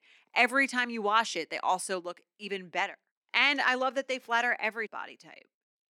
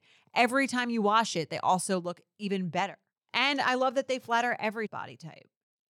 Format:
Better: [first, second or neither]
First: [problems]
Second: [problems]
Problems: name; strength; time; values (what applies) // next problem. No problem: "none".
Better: second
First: thin; very slightly; fading below 250 Hz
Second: none